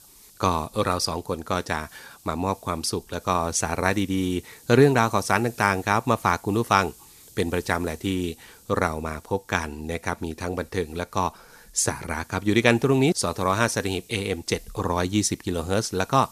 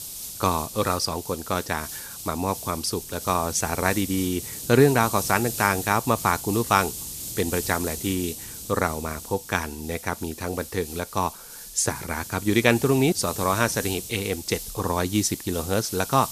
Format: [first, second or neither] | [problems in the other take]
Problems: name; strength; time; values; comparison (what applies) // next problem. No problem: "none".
first | hiss; loud; throughout; 9 dB below the speech; faint in the first